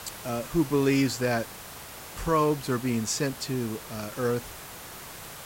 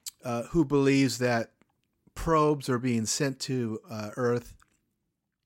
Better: second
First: hiss; noticeable; throughout; 15 dB below the speech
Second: none

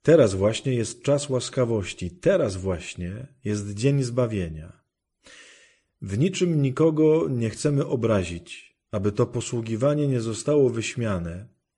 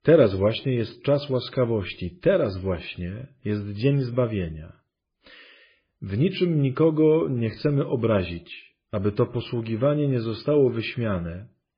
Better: first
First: garbled, watery; slightly; nothing above 9 kHz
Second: garbled, watery; badly; nothing above 4.5 kHz

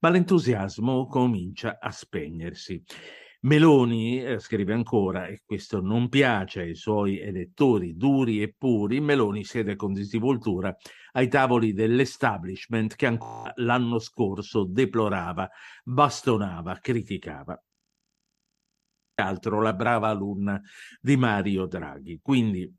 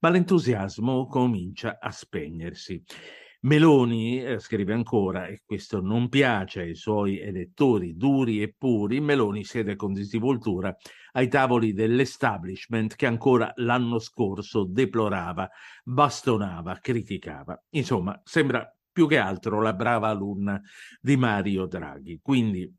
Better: second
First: audio freezing; at 13 s and at 18 s for 1.5 s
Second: none

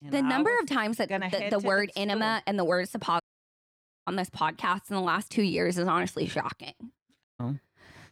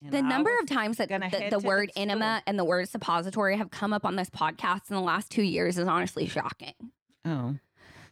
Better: second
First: audio cutting out; at 3 s for 1 s and at 7 s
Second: none

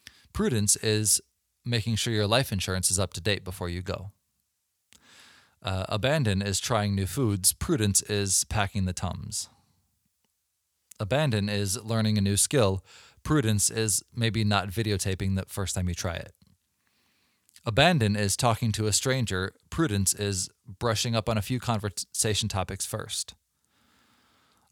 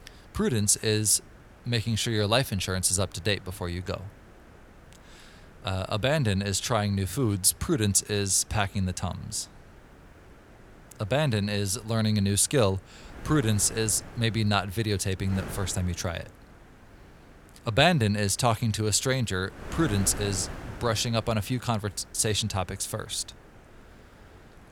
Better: first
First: none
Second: wind noise on the microphone; occasional gusts; 20 dB below the speech

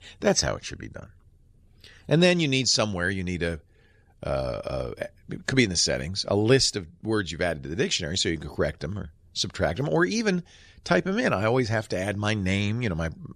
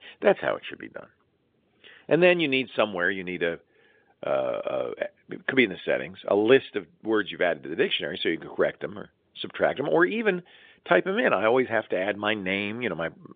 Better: first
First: none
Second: phone-call audio

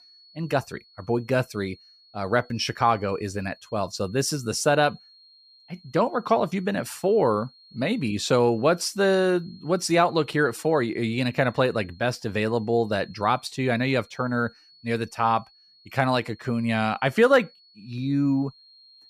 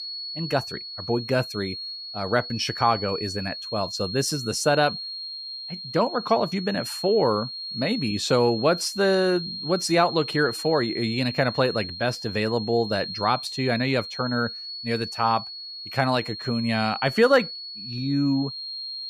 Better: first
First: high-pitched whine; faint; throughout; 4 kHz, 25 dB below the speech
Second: high-pitched whine; loud; throughout; 4 kHz, 8 dB below the speech

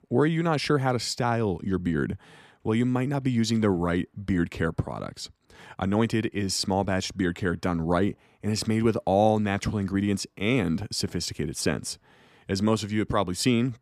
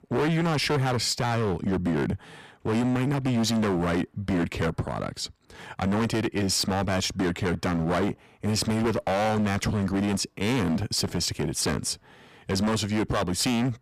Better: first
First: none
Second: distortion; heavy; 20% of the sound clipped

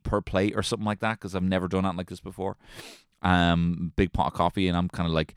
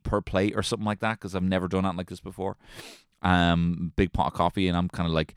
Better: neither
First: none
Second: none

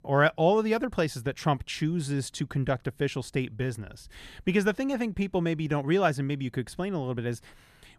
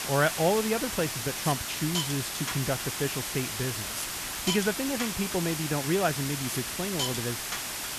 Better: first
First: none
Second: hiss; loud; throughout; 1 dB below the speech

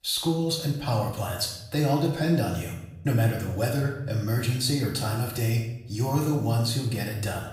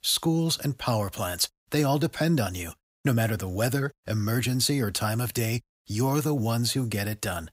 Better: second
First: off-mic speech; far // room echo; noticeable; dies away in 0.8 s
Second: none

